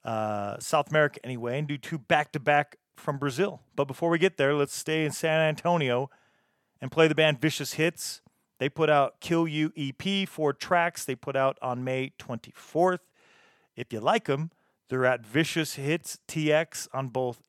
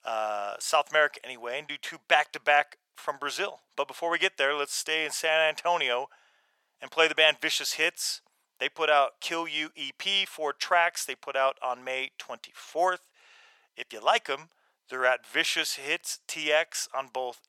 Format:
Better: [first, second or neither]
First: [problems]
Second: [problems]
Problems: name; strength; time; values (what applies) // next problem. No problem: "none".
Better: first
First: none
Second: thin; very; fading below 700 Hz